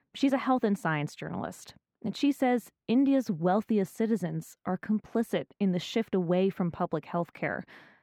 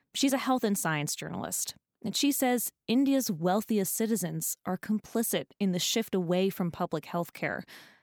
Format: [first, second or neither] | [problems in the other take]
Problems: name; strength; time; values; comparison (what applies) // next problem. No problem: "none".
second | muffled; very; fading above 4 kHz